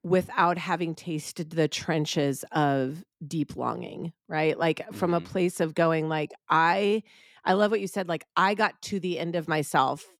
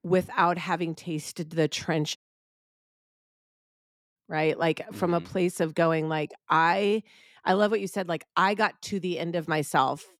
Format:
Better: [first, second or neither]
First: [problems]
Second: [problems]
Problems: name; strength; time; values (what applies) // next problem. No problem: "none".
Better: first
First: none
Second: audio cutting out; at 2 s for 2 s